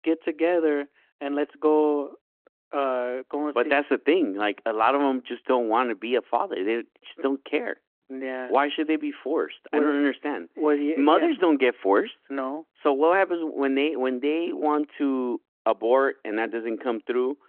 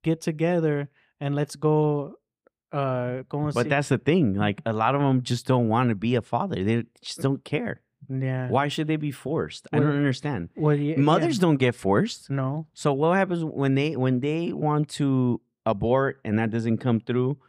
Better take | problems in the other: second | phone-call audio

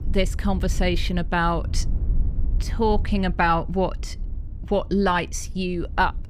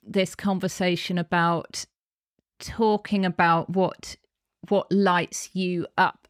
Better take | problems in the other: second | wind noise on the microphone; occasional gusts; 25 dB below the speech

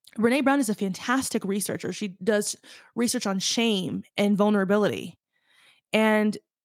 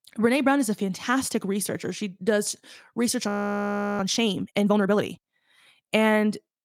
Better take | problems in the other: first | audio freezing; at 3.5 s for 0.5 s

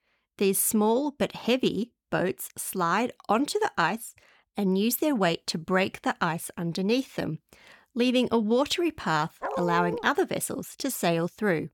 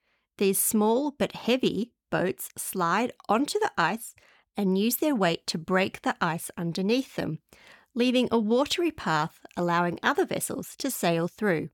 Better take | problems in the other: second | dog barking; noticeable; at 9.5 s; peak 5 dB below the speech

